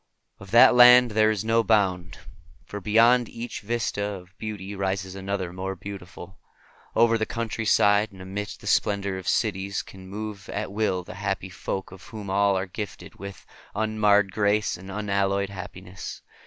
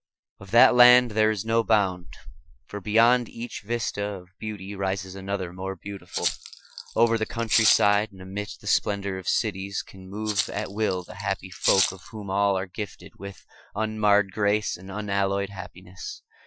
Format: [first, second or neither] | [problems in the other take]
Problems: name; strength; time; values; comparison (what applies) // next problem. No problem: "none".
first | noise reduction (classical method Wiener filter)